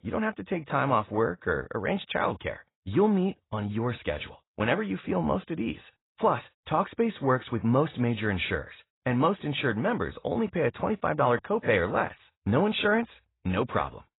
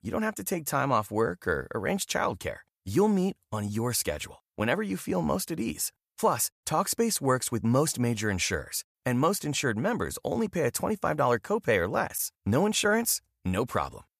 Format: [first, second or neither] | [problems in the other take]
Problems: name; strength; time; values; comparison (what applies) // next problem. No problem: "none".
second | garbled, watery; badly; nothing above 4 kHz